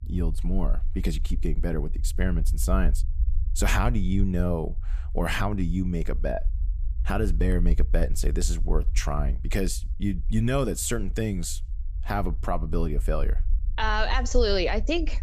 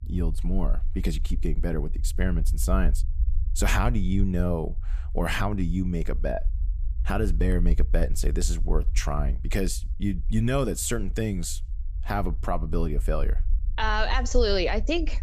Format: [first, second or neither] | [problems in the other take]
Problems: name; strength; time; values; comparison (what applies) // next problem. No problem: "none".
neither | low rumble; faint; throughout; 20 dB below the speech; the same in both